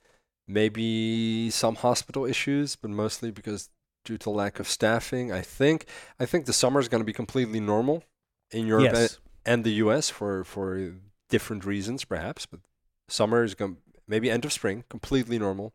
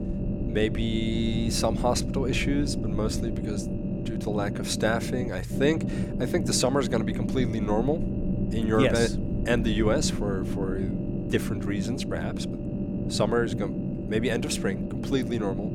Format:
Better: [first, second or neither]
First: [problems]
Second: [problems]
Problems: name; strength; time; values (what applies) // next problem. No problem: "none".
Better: first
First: none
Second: low rumble; loud; throughout; 8 dB below the speech